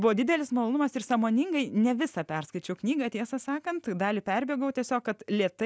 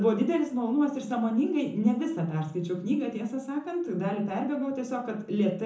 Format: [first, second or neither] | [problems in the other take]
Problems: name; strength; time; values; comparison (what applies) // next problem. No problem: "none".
first | room echo; dies away in 0.6 s